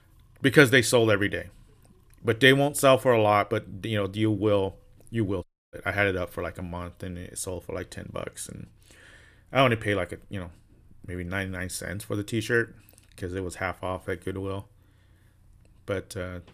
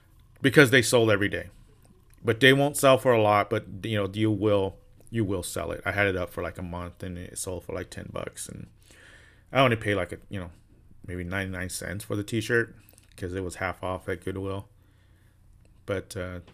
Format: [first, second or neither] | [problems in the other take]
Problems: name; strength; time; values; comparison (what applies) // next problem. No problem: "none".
second | audio cutting out; at 5.5 s